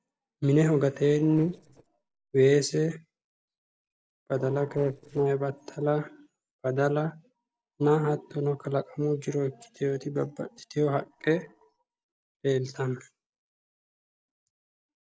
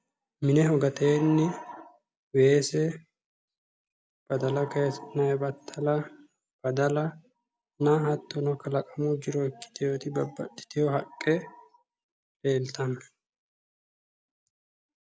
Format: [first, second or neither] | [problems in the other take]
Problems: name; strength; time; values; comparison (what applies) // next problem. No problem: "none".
second | noise reduction (neural separator model SepFormer DNS4)